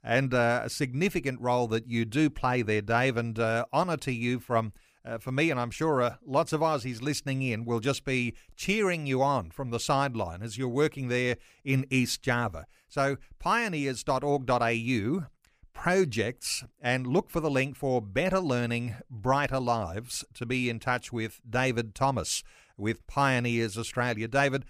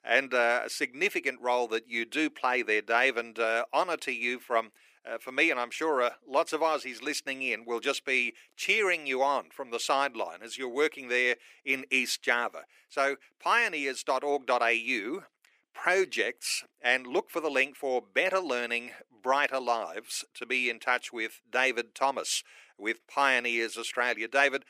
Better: first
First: none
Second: thin; somewhat; fading below 350 Hz

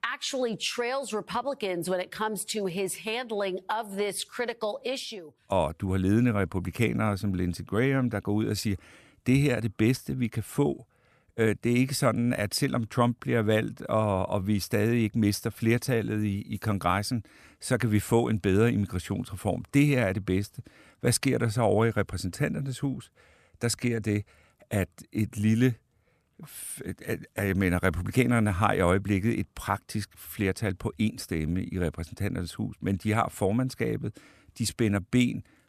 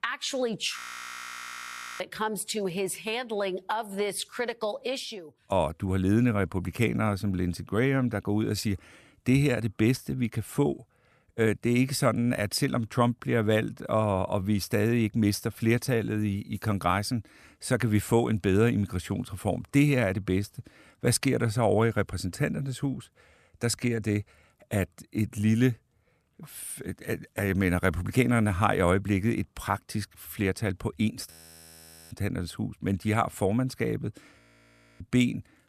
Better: first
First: none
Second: audio freezing; at 1 s for 1 s, at 31 s for 1 s and at 34 s for 0.5 s

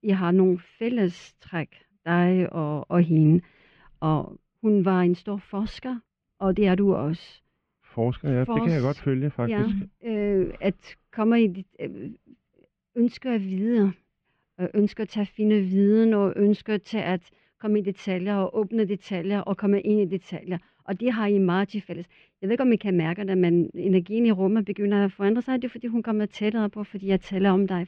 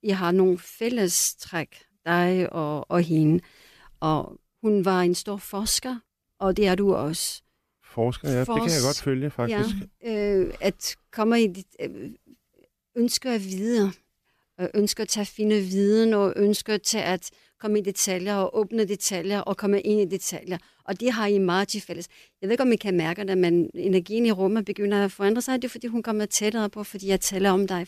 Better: second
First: muffled; very; fading above 3 kHz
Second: none

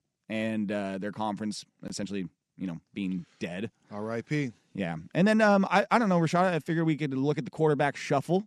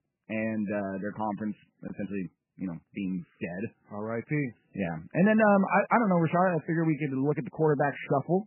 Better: first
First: none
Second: garbled, watery; badly; nothing above 2.5 kHz

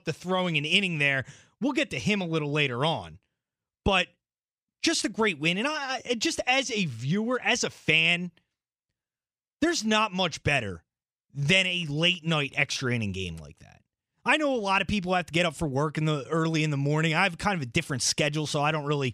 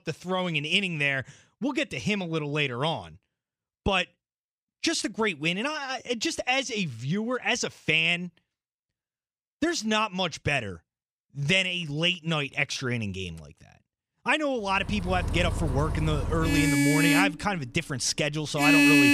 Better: first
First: none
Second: traffic noise; very faint; from 15 s on; 3 dB above the speech

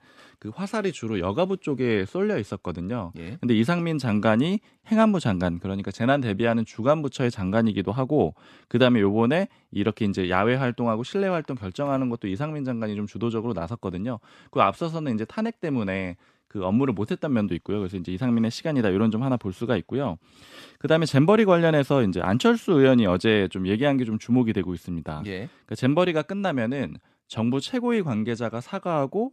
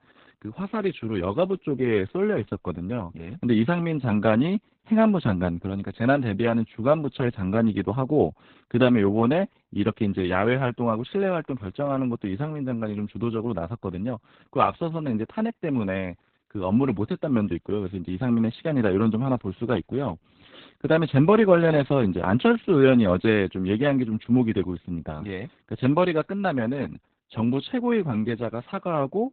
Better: first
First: none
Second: garbled, watery; badly; nothing above 4 kHz

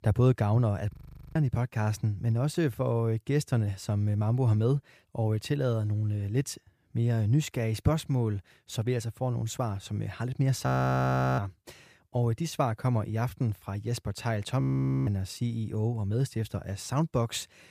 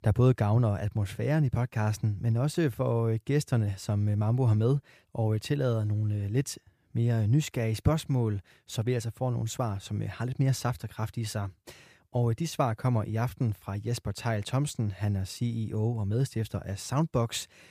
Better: second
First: audio freezing; at 1 s, at 11 s for 0.5 s and at 15 s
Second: none

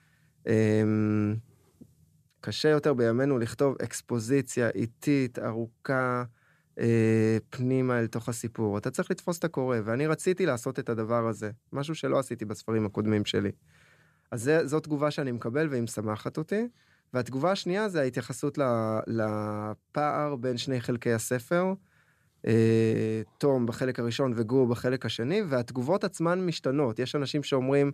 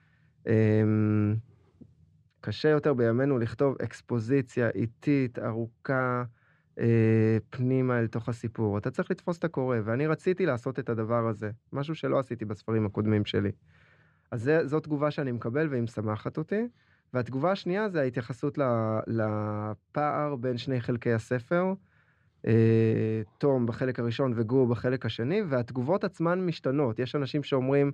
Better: first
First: none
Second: muffled; slightly; fading above 3 kHz

